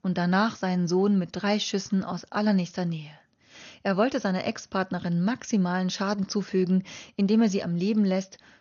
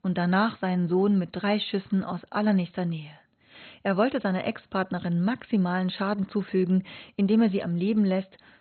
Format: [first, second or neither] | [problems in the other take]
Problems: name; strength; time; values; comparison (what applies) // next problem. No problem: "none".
first | garbled, watery; badly; nothing above 4 kHz; slightly in the first